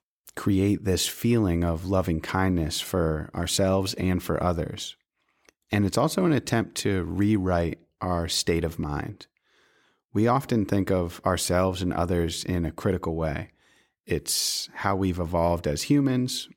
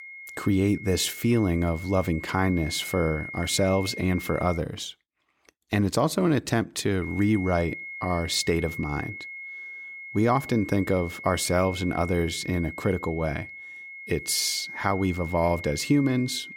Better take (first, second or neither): first